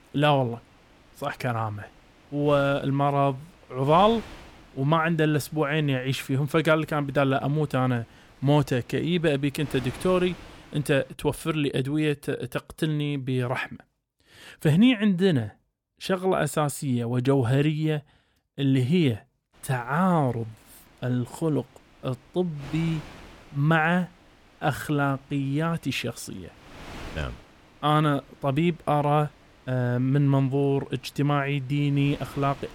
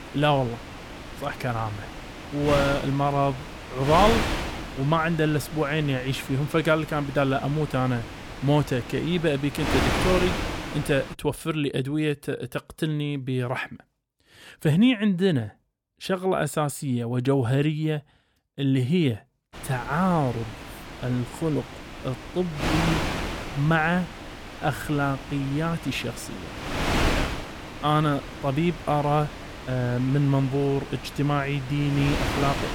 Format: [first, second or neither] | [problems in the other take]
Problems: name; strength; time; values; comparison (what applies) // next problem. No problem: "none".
first | wind noise on the microphone; heavy; until 11 s and from 20 s on; 5 dB below the speech; occasional gusts in the first